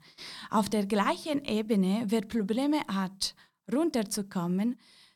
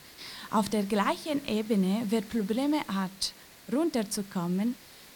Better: first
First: none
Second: hiss; noticeable; throughout; 20 dB below the speech

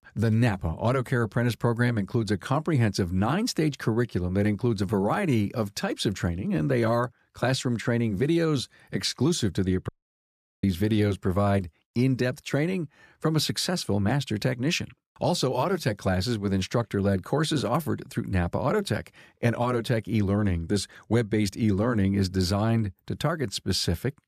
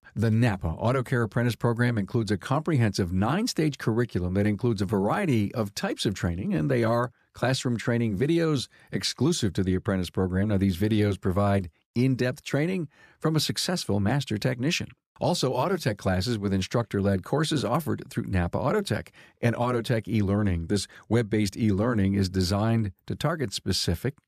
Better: second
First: audio cutting out; at 10 s for 0.5 s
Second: none

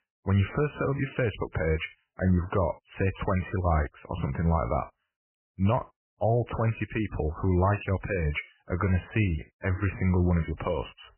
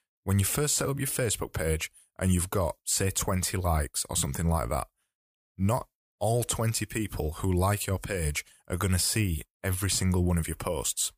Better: second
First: garbled, watery; badly; nothing above 3 kHz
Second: none

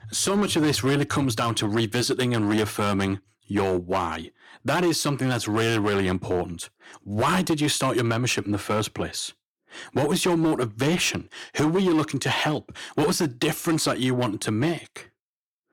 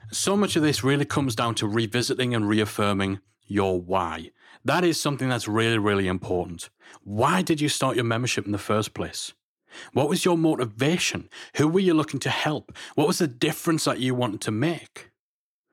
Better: second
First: distortion; slight; 9% of the sound clipped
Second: none

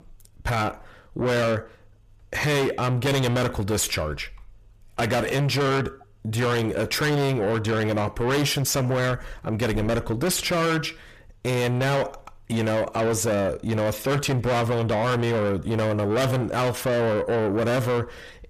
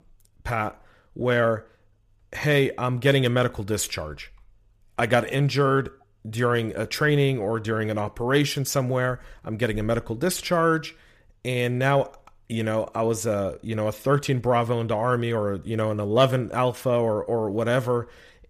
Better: second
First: distortion; heavy; 6 dB below the speech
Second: none

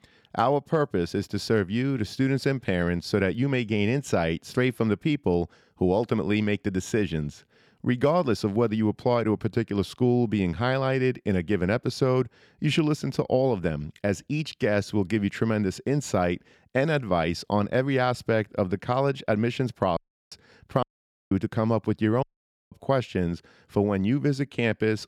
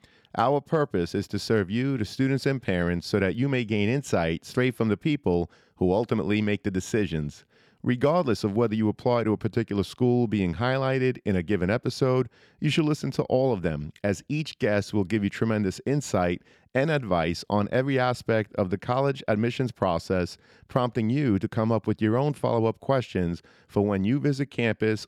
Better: second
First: audio cutting out; at 20 s, at 21 s and at 22 s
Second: none

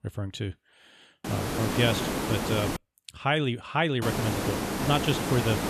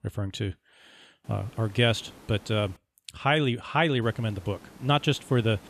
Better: second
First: hiss; loud; from 1 to 3 s and from 4 s on; 1 dB below the speech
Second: hiss; faint; from 1 to 3 s and from 4 s on; 25 dB below the speech

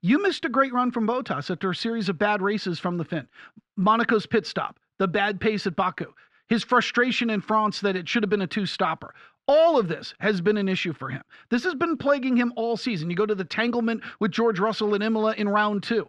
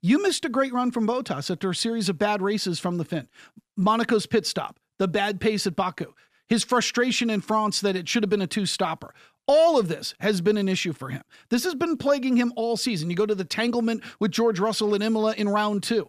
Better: second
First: muffled; slightly; fading above 3 kHz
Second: none

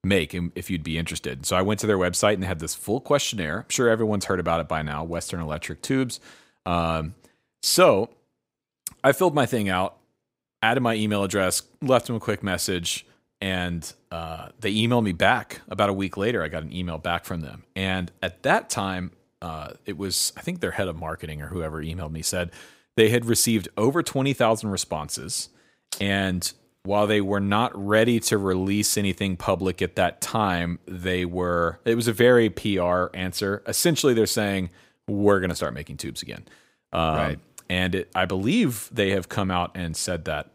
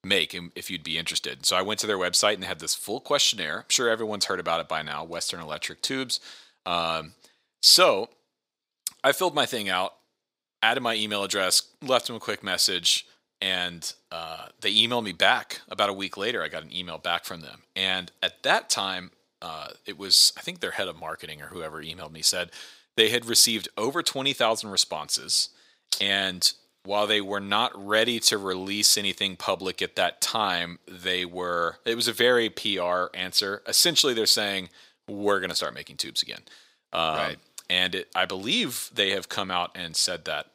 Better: first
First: none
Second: thin; somewhat; fading below 700 Hz

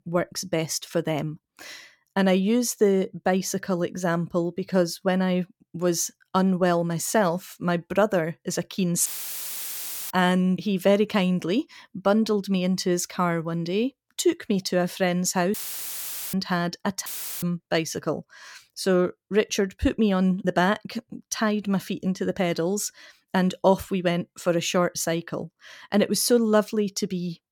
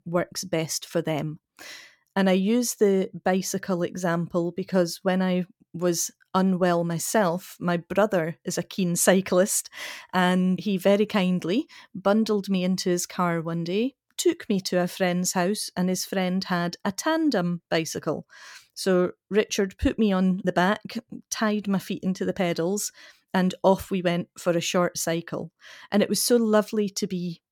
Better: second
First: audio cutting out; filled with static; at 9 s for 1 s, at 16 s for 1 s and at 17 s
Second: none

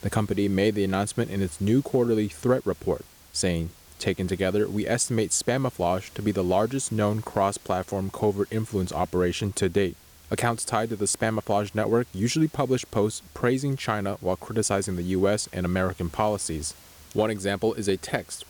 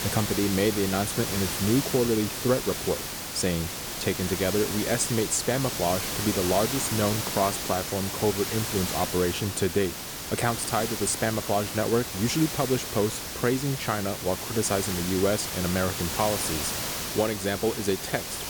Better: first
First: hiss; faint; throughout; 25 dB below the speech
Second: hiss; loud; throughout; 3 dB below the speech

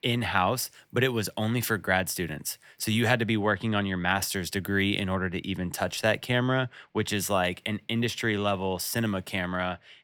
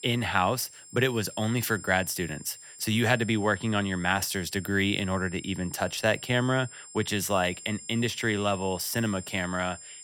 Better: first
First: none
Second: high-pitched whine; noticeable; throughout; 7.5 kHz, 15 dB below the speech

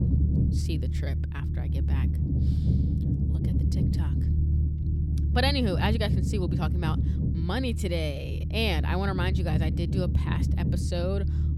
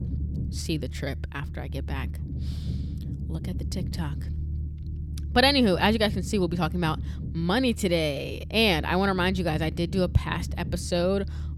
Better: second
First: low rumble; loud; throughout; 7 dB below the speech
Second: low rumble; faint; throughout; 20 dB below the speech

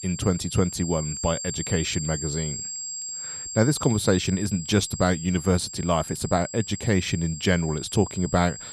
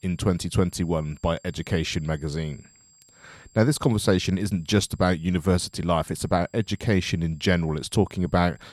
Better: second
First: high-pitched whine; loud; throughout; 7.5 kHz, 8 dB below the speech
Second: high-pitched whine; faint; throughout; 7.5 kHz, 30 dB below the speech

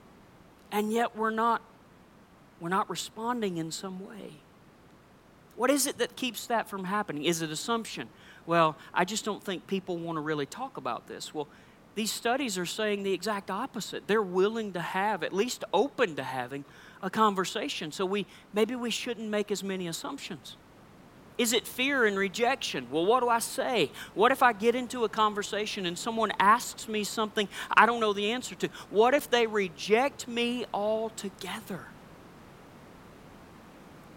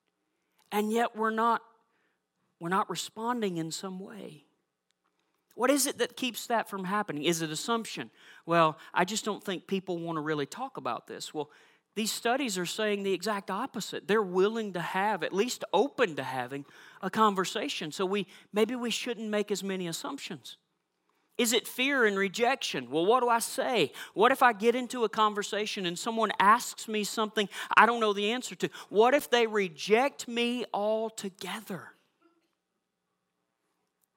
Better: second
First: hiss; faint; throughout; 25 dB below the speech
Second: none

